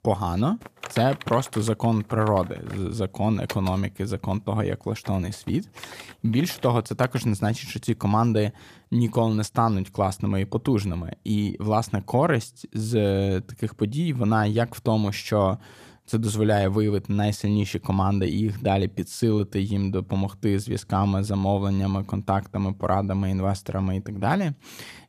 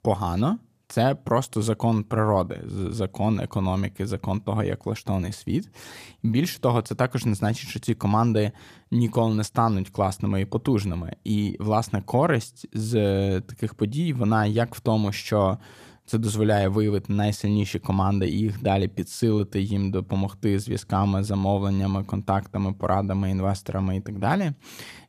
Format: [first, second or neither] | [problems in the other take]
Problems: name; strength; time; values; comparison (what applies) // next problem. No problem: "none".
second | keyboard typing; faint; from 0.5 to 7 s; peak 10 dB below the speech